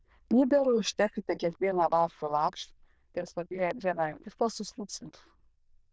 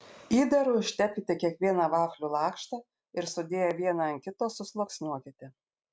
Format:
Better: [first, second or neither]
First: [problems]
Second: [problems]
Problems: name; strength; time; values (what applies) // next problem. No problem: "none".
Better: second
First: noise reduction (neural diffusion model UNIVERSE++)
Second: none